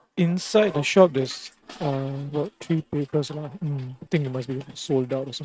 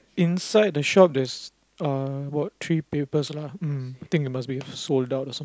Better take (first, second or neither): second